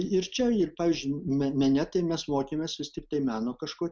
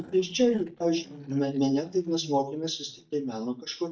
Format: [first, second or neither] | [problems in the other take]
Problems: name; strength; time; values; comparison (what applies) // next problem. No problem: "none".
first | noise reduction (neural mask model DeepFilterNet 3)